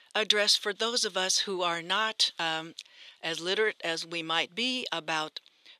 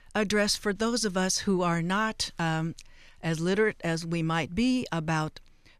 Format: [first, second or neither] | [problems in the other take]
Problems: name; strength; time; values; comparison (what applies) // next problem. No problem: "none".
second | thin; somewhat; fading below 450 Hz